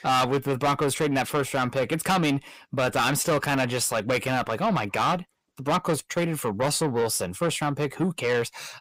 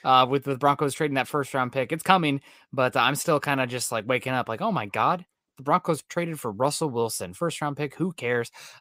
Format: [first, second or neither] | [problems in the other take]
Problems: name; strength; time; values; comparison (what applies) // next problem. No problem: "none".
second | distortion; heavy; 6 dB below the speech